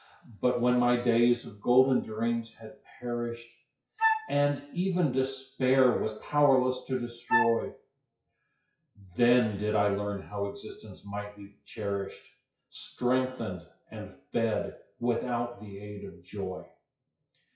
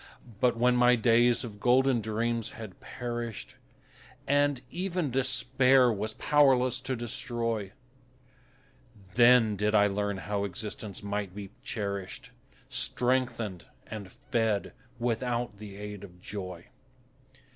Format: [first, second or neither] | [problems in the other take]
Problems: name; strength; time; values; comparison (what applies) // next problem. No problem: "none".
second | noise reduction (classical method WPE with log-MMSE)